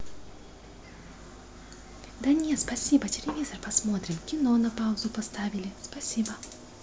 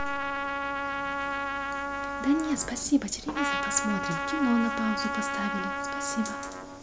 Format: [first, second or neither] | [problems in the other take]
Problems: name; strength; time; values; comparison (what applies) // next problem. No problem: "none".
first | background sound (Trumpet); 1 dB below the speech